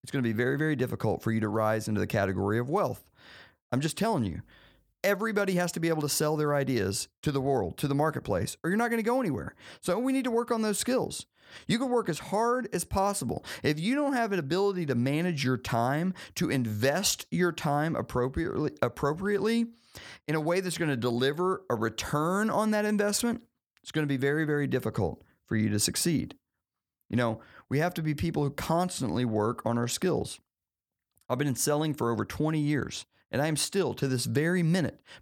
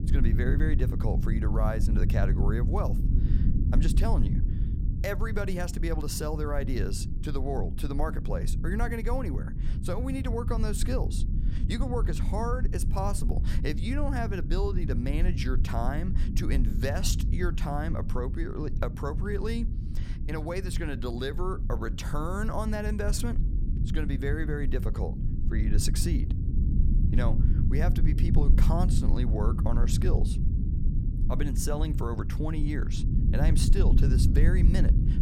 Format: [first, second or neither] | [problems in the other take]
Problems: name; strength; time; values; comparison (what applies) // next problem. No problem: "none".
first | low rumble; loud; throughout; 7 dB below the speech